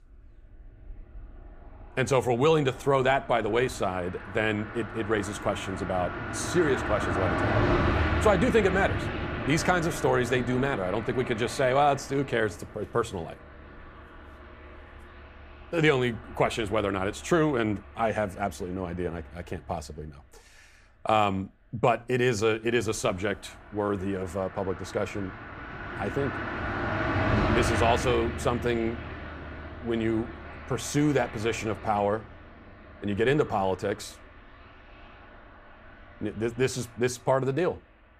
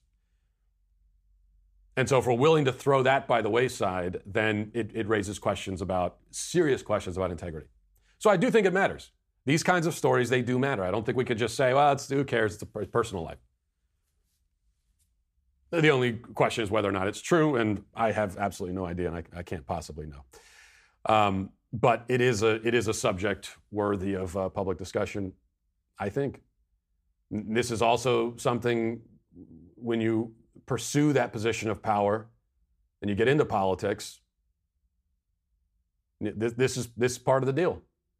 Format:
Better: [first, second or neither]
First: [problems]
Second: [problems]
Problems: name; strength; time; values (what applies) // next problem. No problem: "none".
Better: second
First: traffic noise; loud; throughout; 5 dB below the speech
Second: none